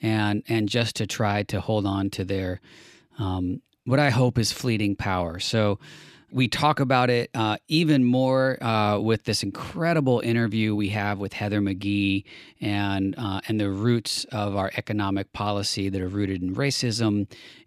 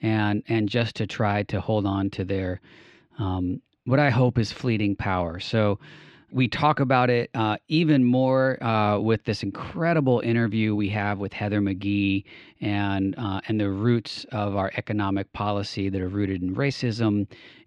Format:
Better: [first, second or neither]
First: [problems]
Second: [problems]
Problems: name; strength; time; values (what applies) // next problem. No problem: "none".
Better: first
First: none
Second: muffled; slightly; fading above 3 kHz